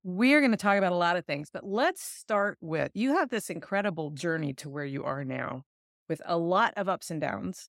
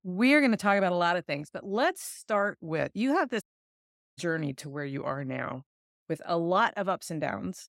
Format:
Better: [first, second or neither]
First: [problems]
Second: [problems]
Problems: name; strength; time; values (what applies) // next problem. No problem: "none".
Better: first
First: none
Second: audio cutting out; at 3.5 s for 1 s